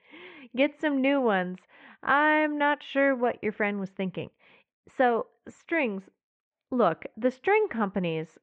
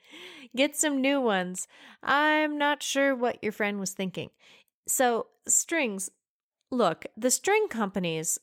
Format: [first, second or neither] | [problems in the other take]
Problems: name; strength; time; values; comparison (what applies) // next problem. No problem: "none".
second | muffled; very; fading above 2.5 kHz